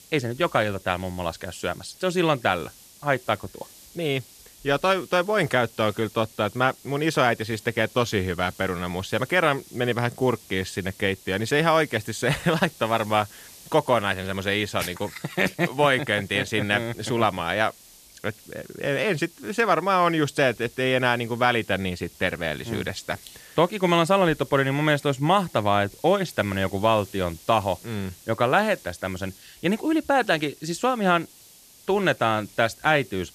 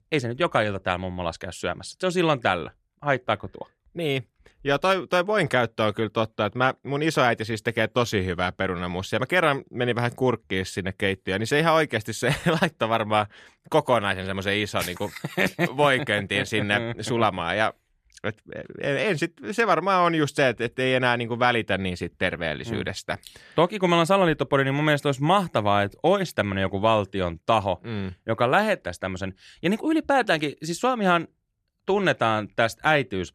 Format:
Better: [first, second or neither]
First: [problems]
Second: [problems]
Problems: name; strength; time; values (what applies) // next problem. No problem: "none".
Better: second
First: hiss; faint; throughout; 20 dB below the speech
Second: none